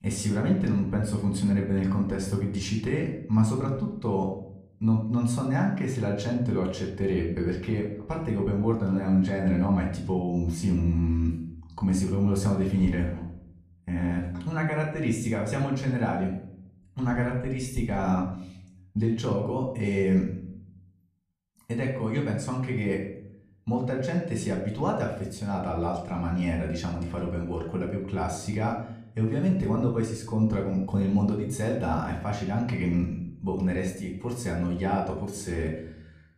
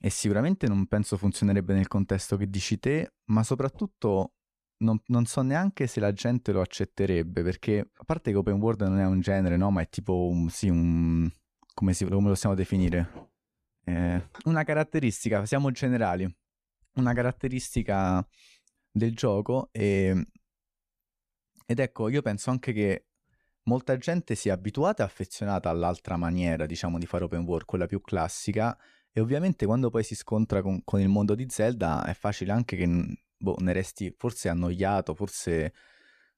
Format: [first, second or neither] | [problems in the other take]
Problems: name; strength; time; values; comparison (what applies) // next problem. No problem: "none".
second | off-mic speech; somewhat distant // room echo; slight; dies away in 0.6 s